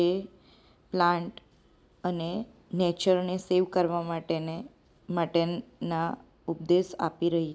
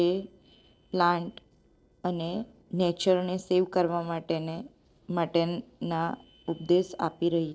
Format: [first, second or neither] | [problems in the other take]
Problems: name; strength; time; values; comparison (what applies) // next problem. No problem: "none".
first | noise reduction (neural separator model SepFormer DNS4)